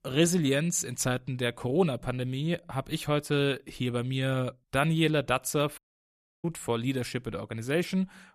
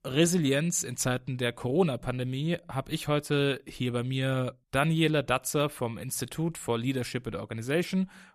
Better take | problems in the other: second | audio cutting out; at 6 s for 0.5 s

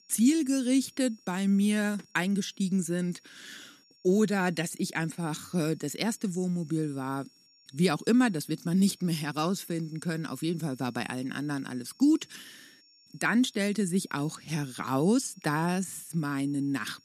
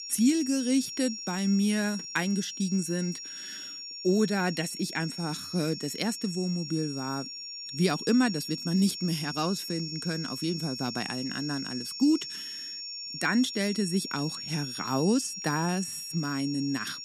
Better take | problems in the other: first | high-pitched whine; loud; throughout; 5.5 kHz, 7 dB below the speech; faint in the first

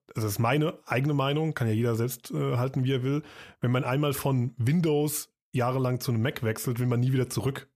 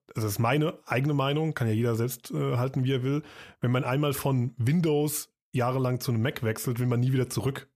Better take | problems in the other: neither | none

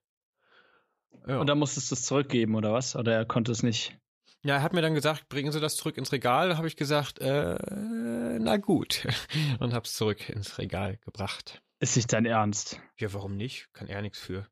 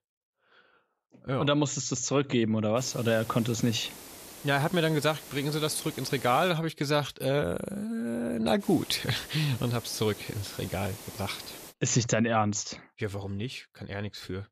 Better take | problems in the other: first | hiss; noticeable; from 3 to 6.5 s and from 8.5 to 12 s; 15 dB below the speech

